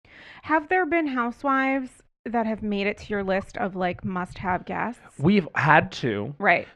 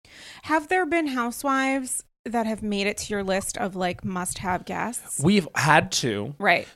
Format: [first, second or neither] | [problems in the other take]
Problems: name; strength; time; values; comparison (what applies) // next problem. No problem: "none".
second | muffled; very; fading above 2 kHz